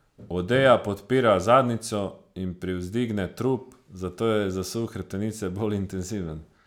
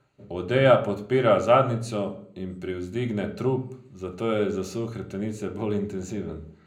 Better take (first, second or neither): first